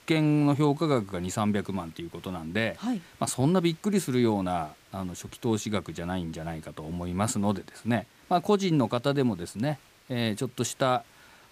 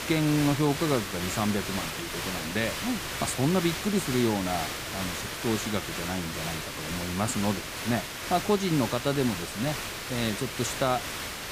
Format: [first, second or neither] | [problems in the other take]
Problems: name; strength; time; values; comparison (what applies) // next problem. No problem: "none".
first | hiss; loud; throughout; 3 dB below the speech; faint in the first